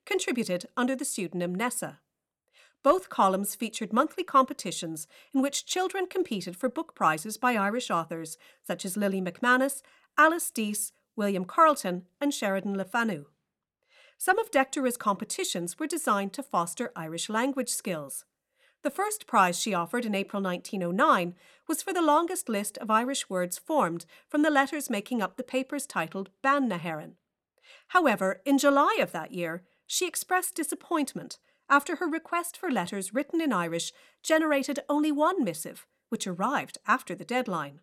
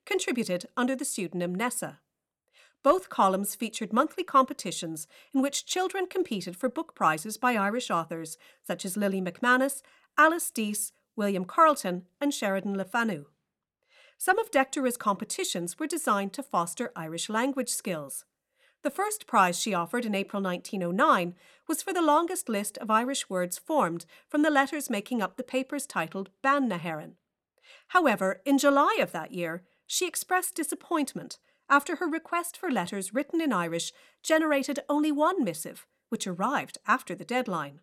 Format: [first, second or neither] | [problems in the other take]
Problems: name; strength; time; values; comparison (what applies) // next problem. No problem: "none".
neither | none